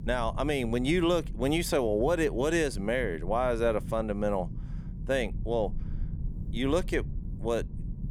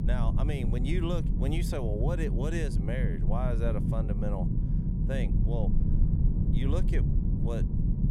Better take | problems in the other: first | low rumble; loud; throughout; 3 dB below the speech; faint in the first

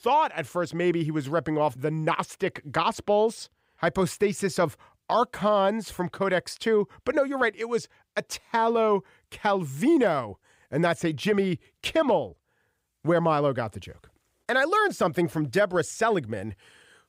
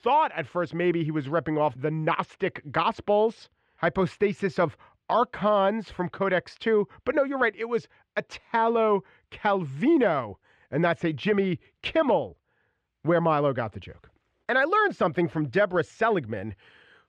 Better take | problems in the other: first | muffled; slightly; fading above 2.5 kHz

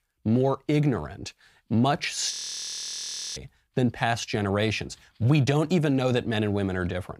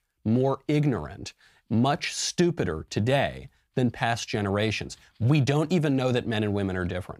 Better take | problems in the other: second | audio freezing; at 2.5 s for 1 s

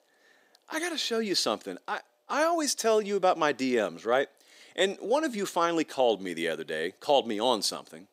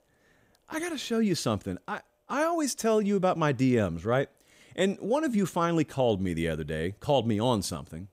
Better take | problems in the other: second | thin; somewhat; fading below 300 Hz

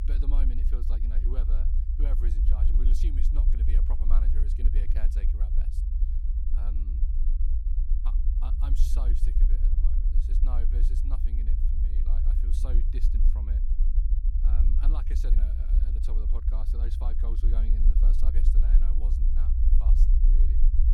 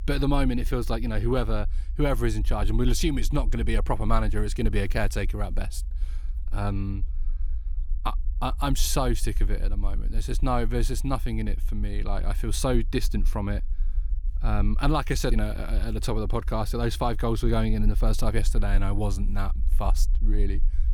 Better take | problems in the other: second | low rumble; loud; throughout; as loud as the speech; faint in the second

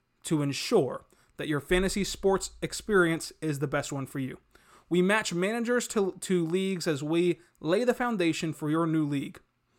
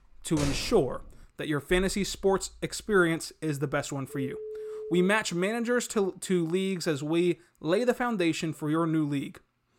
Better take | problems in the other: first | door banging; noticeable; until 1 s; peak 7 dB below the speech // phone ringing; noticeable; at 4 s; peak 9 dB below the speech

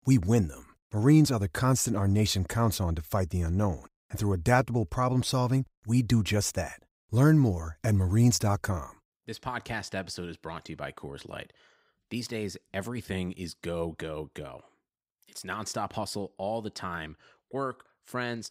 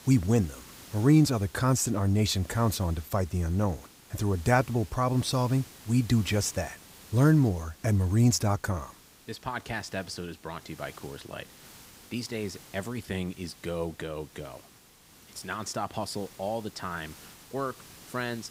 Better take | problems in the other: first | hiss; faint; throughout; 20 dB below the speech

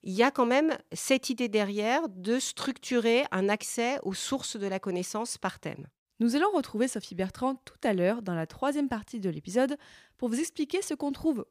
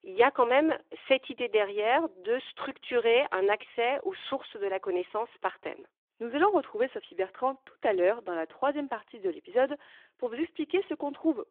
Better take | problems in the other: first | phone-call audio; nothing above 3.5 kHz

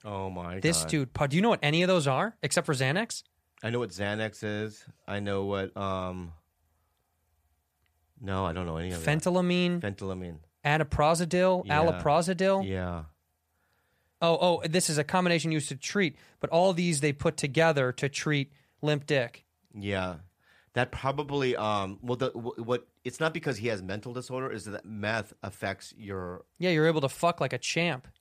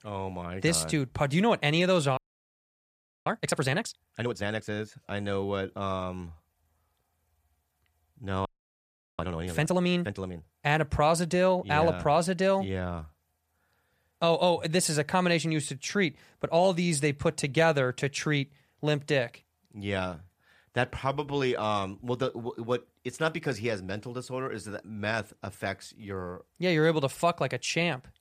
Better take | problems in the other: first | audio freezing; at 2 s for 1 s and at 8.5 s for 0.5 s

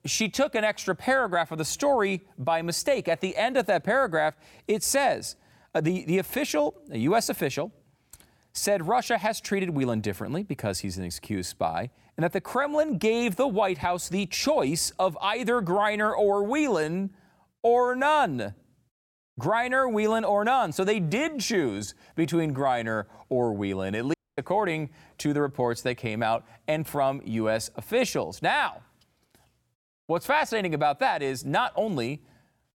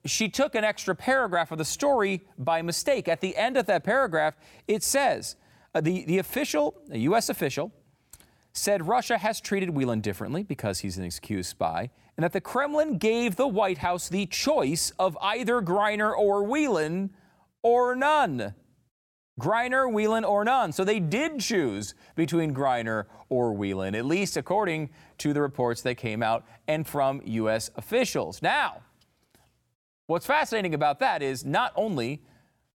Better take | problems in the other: second | audio cutting out; at 24 s

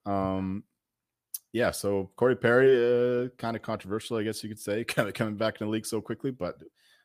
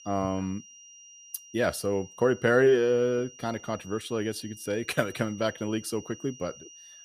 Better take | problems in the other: first | high-pitched whine; noticeable; throughout; 6 kHz, 20 dB below the speech

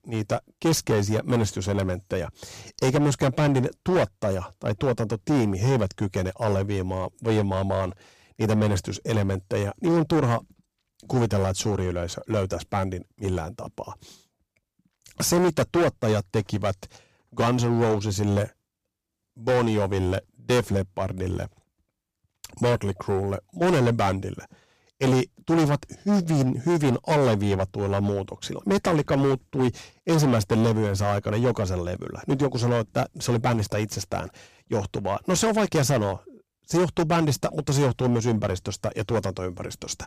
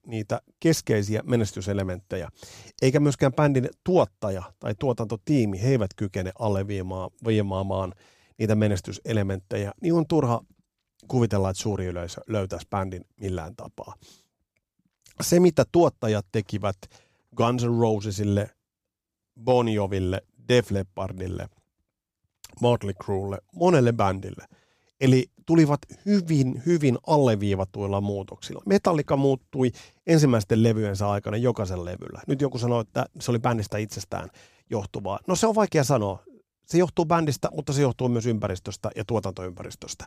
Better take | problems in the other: second | distortion; heavy; 10% of the sound clipped

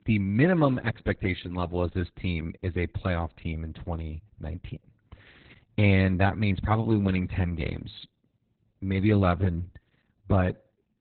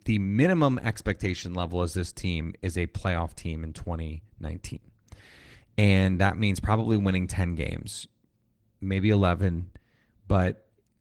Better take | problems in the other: second | garbled, watery; badly; nothing above 4 kHz; slightly in the second

